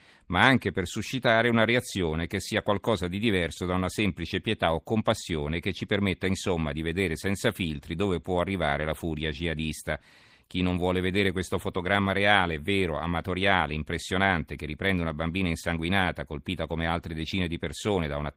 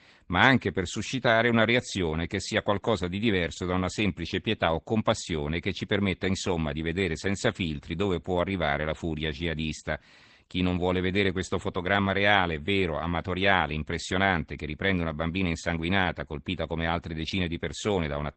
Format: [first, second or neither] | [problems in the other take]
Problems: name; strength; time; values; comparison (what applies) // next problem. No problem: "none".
first | garbled, watery; badly; nothing above 8 kHz; slightly in the first